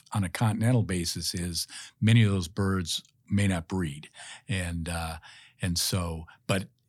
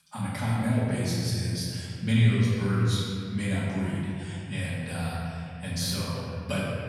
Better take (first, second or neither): first